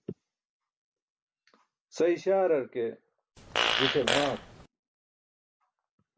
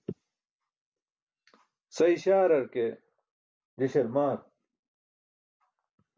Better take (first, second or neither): second